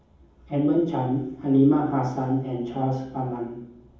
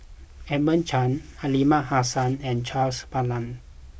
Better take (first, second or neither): second